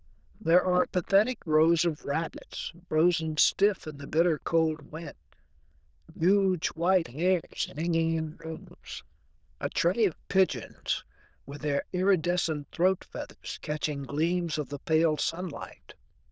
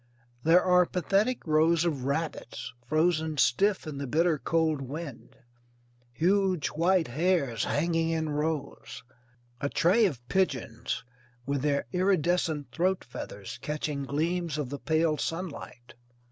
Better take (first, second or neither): second